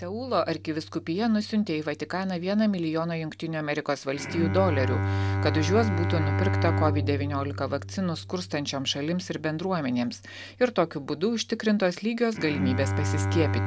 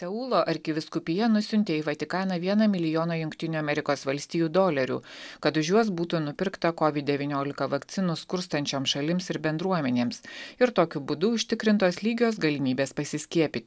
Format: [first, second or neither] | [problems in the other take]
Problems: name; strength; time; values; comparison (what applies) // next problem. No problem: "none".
second | background sound (Bowed string instrument); 3 dB below the speech